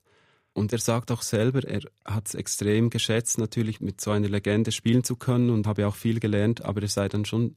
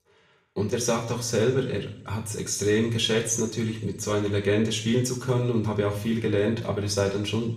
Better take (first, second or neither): first